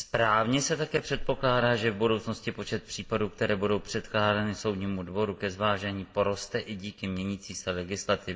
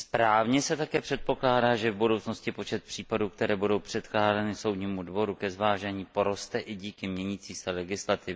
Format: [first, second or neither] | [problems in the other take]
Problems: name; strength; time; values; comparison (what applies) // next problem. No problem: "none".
second | room echo; dies away in 0.7 s